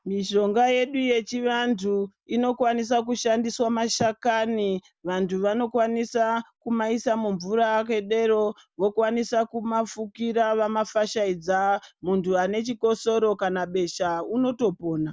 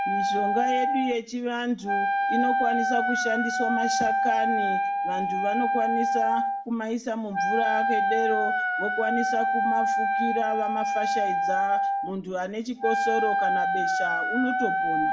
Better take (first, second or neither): first